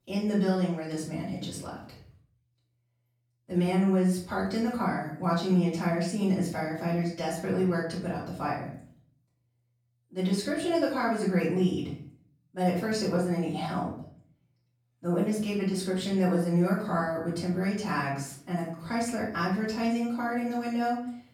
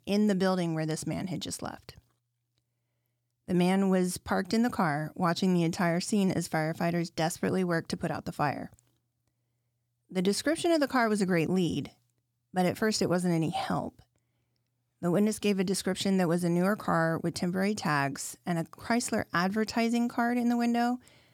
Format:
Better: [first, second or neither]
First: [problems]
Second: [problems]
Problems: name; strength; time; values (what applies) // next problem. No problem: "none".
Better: second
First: off-mic speech; far // room echo; noticeable; dies away in 0.6 s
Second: none